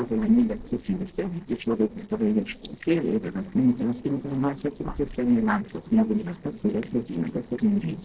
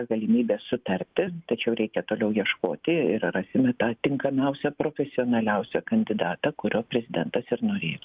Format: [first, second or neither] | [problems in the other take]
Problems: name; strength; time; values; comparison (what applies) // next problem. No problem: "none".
second | noise reduction (neural separator model SepFormer DNS4)